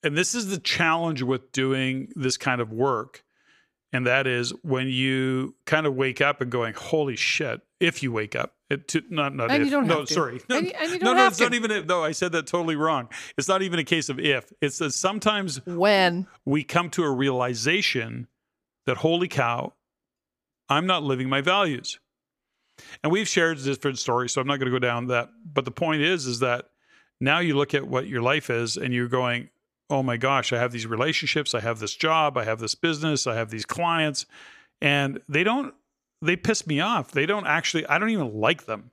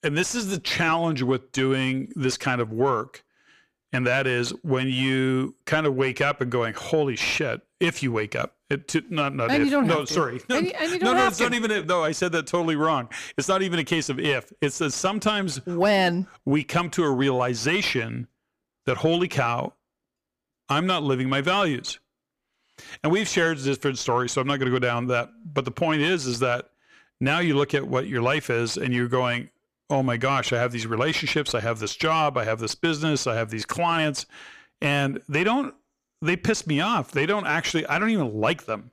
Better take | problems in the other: first | distortion; slight; 10 dB below the speech

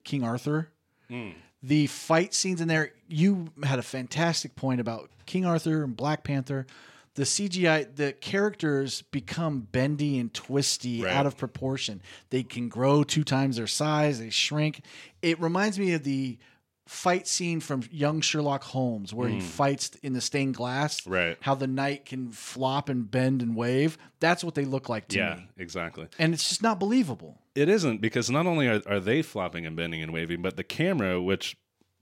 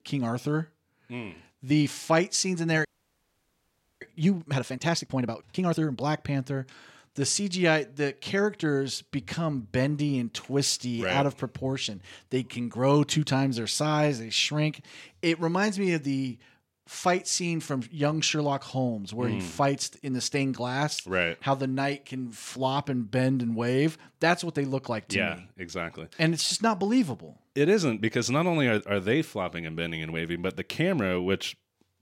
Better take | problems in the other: first | audio freezing; at 3 s for 1 s

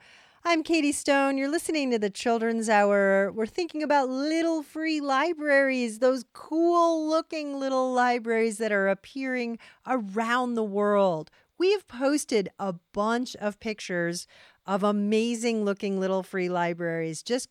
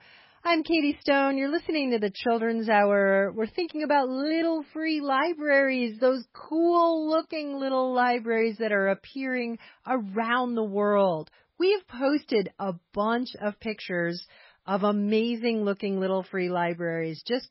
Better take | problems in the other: first | garbled, watery; badly; nothing above 5.5 kHz

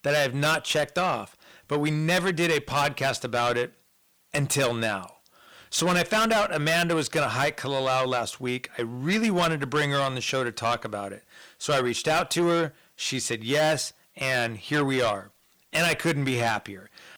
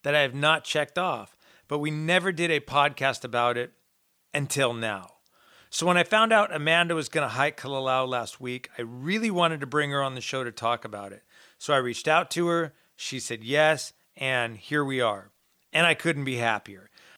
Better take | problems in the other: second | distortion; heavy; 6 dB below the speech

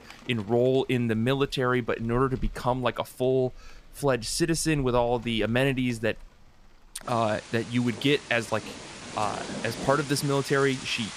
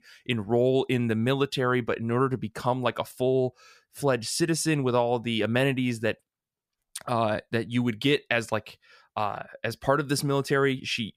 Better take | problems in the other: second | rain or running water; noticeable; throughout; 15 dB below the speech

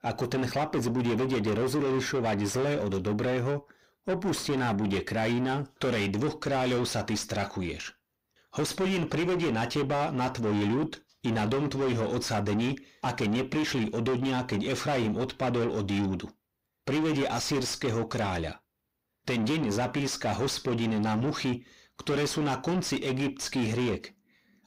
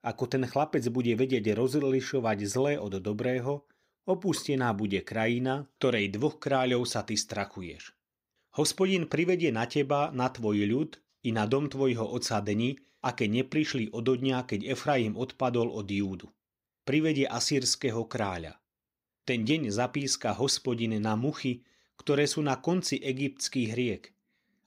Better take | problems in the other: second | distortion; heavy; 6 dB below the speech

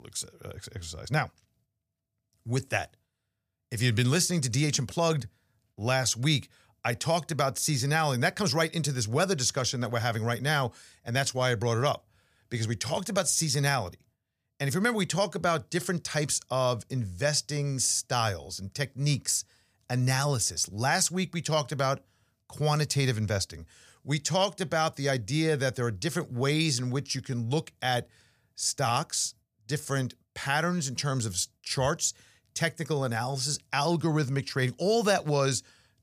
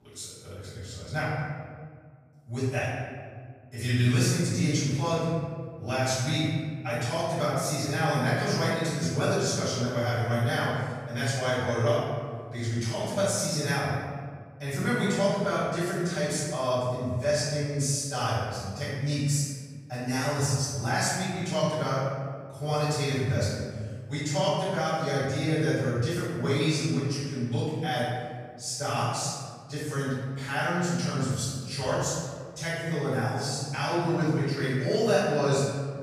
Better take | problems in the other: first | off-mic speech; far // room echo; strong; dies away in 1.6 s

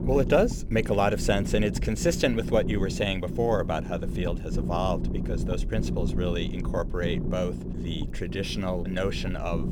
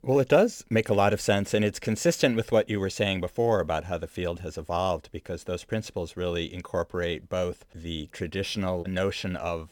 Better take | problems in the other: second | low rumble; noticeable; throughout; 10 dB below the speech

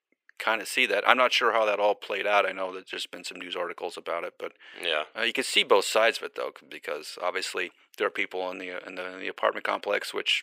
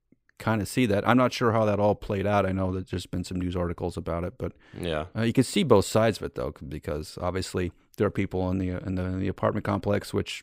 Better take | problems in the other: second | thin; very; fading below 450 Hz

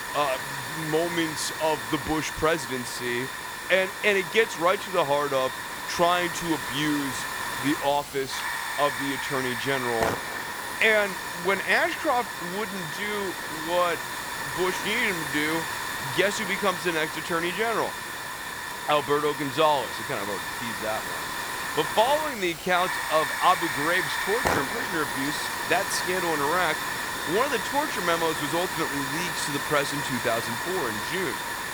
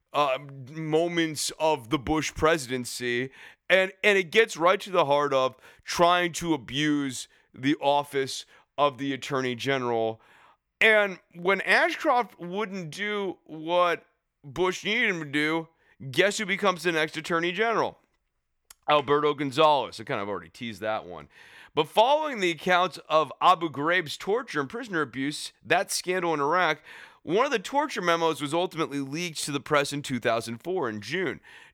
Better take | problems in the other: second | hiss; loud; throughout; 3 dB below the speech

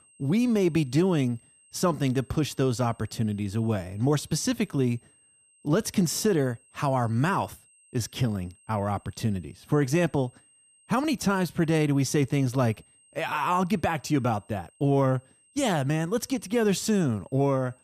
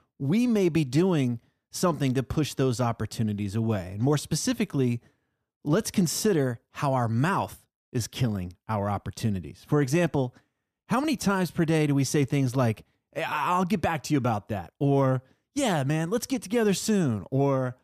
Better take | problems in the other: second | high-pitched whine; faint; throughout; 8.5 kHz, 30 dB below the speech

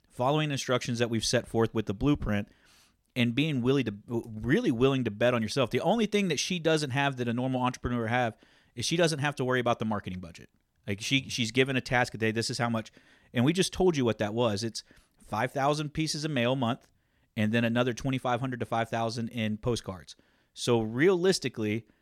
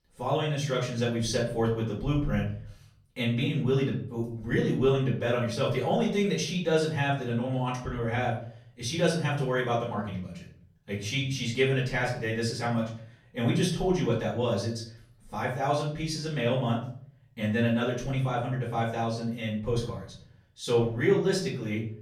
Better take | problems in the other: first | off-mic speech; far // room echo; slight; dies away in 0.6 s

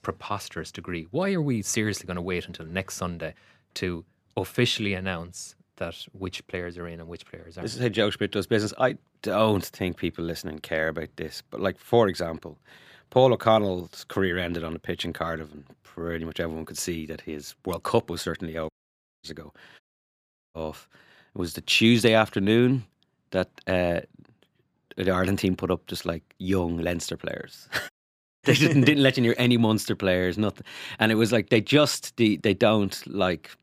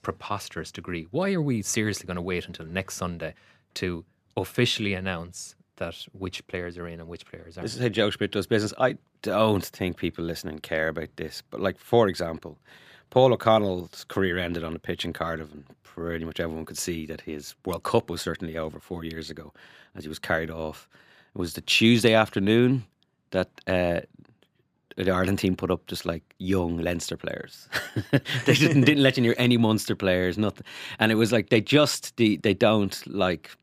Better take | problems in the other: second | audio cutting out; at 19 s for 0.5 s, at 20 s for 0.5 s and at 28 s for 0.5 s

